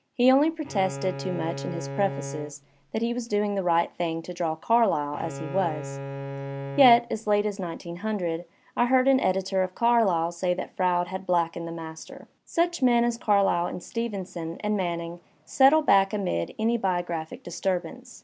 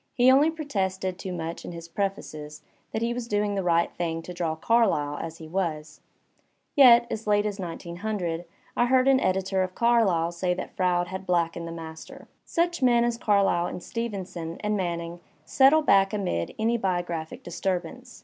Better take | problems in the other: second | background sound (Bowed string instrument); 10 dB below the speech

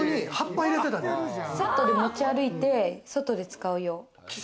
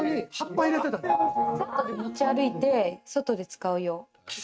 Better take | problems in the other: first | noise reduction (neural mask model RNNoise)

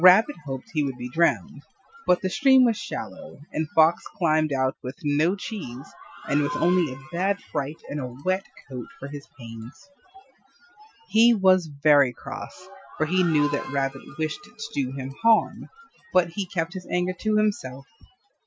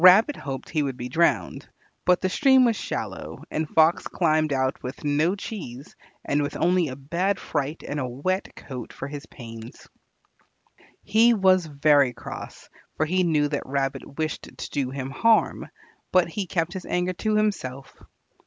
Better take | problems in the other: second | noise reduction (classical method Wiener filter)

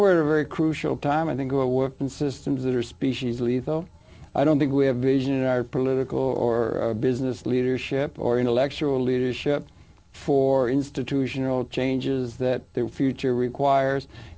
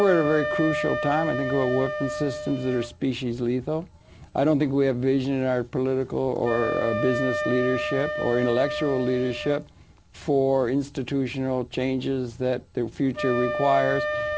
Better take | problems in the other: first | background sound (Wind instrument, woodwind instrument); 6 dB below the speech

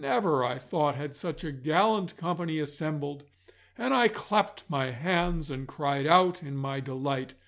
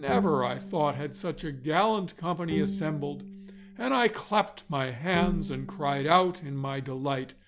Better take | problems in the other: first | background sound (Bowed string instrument); 8 dB below the speech

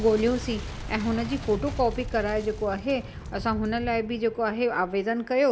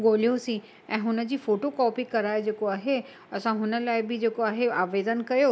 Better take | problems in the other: second | background sound (Boom); 11 dB below the speech

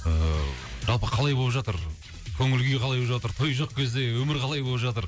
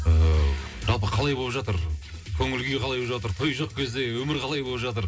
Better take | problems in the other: first | room echo; dies away in 0.3 s

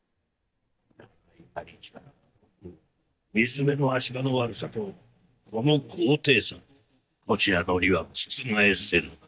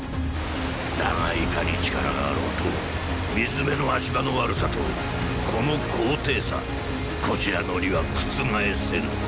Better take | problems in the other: second | noise reduction (neural mask model DeepFilterNet 3)

